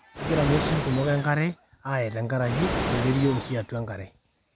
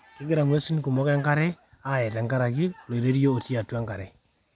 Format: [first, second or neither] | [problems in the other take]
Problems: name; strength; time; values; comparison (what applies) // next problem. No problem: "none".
second | background sound (Animal); 4 dB below the speech